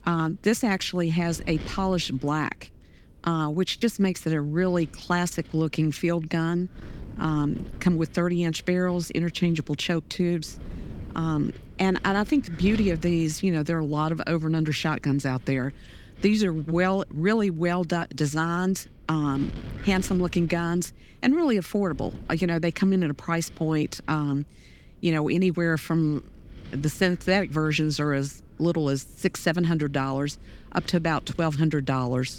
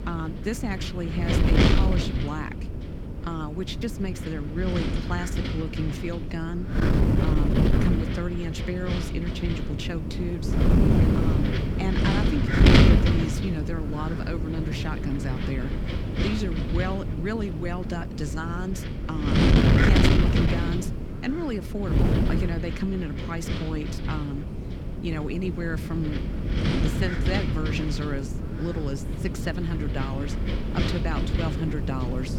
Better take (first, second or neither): first